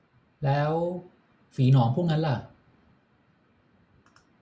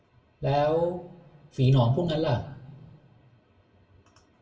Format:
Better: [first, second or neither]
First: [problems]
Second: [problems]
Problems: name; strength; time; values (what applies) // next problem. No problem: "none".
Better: first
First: none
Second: room echo; dies away in 1.3 s